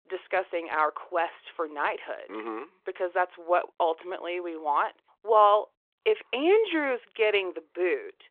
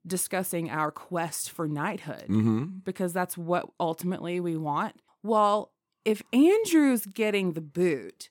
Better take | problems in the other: second | phone-call audio

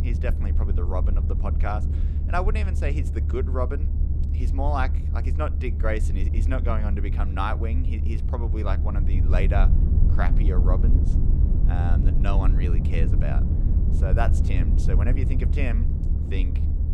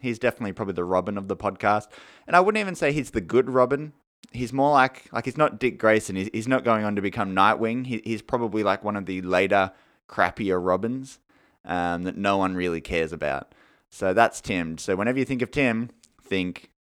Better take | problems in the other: second | low rumble; loud; throughout; 7 dB below the speech

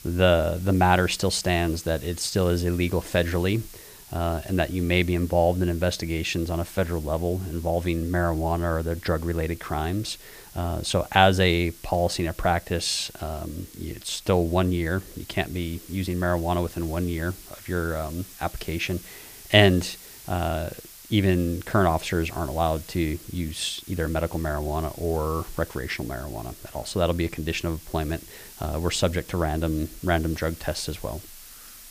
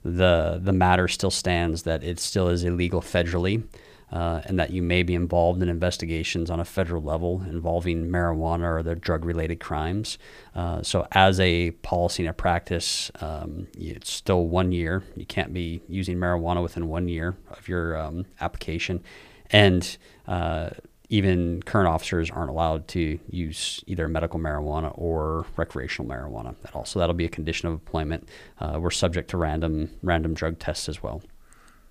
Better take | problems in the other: second | hiss; noticeable; throughout; 20 dB below the speech

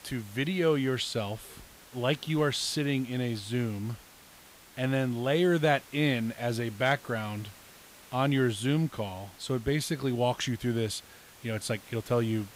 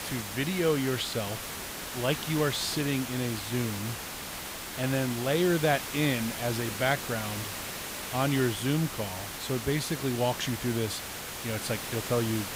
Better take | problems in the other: first | hiss; loud; throughout; 5 dB below the speech; faint in the first

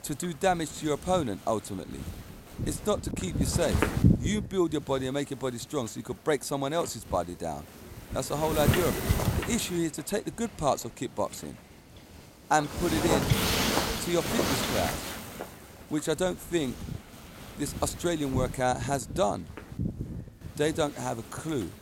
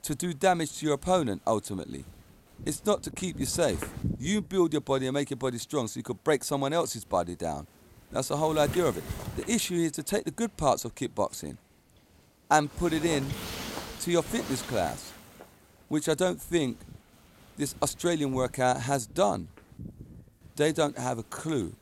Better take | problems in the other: second | wind noise on the microphone; heavy; 2 dB below the speech; occasional gusts in the second

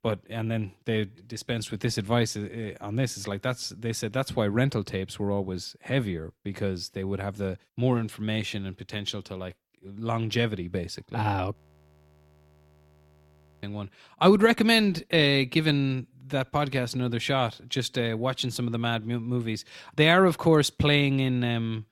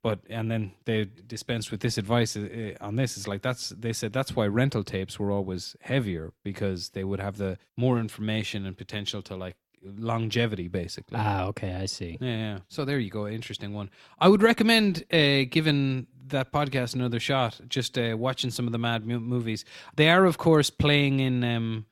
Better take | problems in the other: second | audio freezing; at 12 s for 2 s

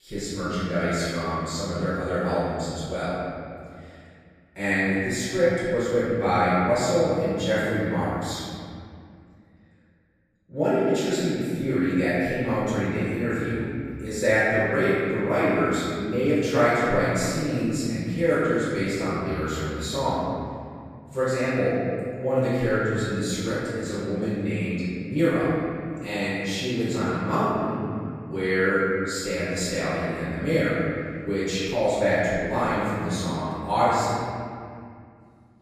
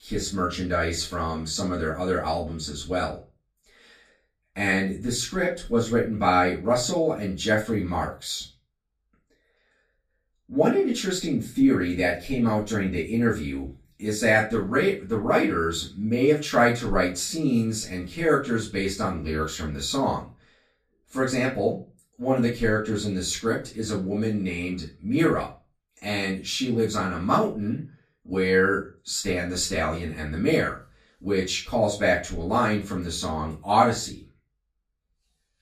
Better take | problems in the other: second | room echo; strong; dies away in 2.4 s; slight in the second // off-mic speech; far; far in the second

